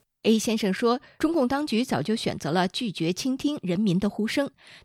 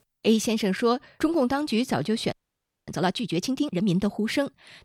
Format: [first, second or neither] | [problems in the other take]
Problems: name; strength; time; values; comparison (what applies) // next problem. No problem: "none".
first | audio freezing; at 2.5 s for 0.5 s